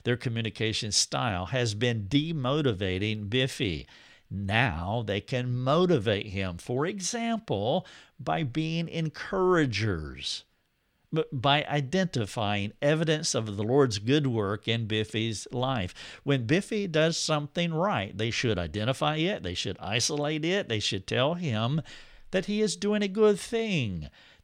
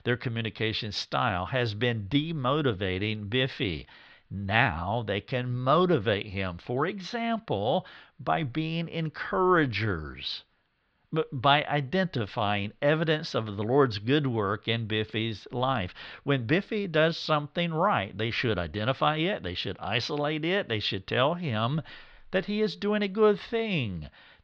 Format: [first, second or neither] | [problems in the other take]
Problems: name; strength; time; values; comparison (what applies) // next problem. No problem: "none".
first | muffled; slightly; fading above 4.5 kHz